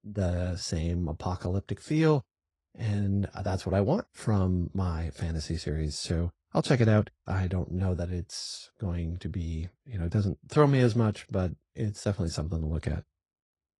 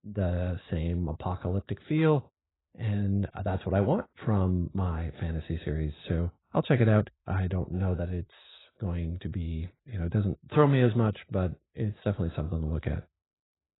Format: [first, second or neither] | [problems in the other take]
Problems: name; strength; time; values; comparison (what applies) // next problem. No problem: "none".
first | garbled, watery; badly; nothing above 4 kHz; slightly in the first